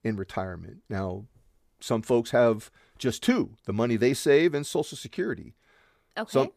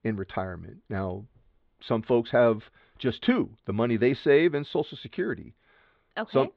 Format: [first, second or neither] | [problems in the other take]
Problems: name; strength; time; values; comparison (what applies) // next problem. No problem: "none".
first | muffled; slightly; fading above 3.5 kHz